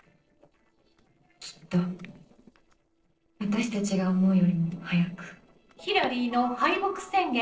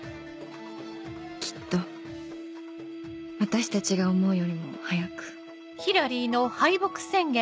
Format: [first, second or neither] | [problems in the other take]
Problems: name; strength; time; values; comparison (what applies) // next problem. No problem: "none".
second | noise reduction (neural separator model SepFormer DNS4)